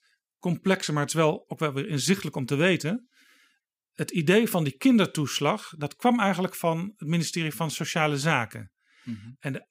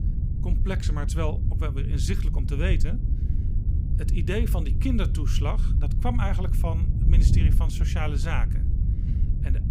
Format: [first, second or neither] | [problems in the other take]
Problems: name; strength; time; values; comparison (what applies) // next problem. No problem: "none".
first | wind noise on the microphone; heavy; 6 dB below the speech